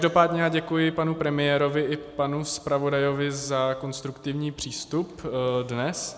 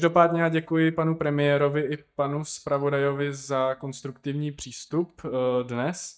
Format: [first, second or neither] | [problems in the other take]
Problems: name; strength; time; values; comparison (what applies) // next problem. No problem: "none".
first | noise reduction (neural mask model DeepFilterNet 3)